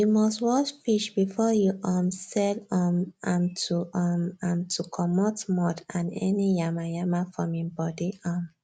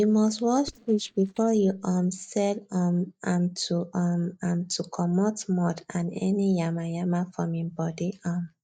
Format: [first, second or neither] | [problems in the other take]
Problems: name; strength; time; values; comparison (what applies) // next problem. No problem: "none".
first | noise reduction (neural mask model DeepFilterNet 3)